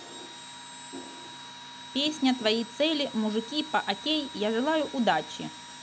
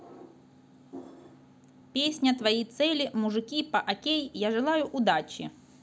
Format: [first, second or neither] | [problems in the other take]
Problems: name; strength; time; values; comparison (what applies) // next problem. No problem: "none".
second | background sound (Engine / Drill); 13 dB below the speech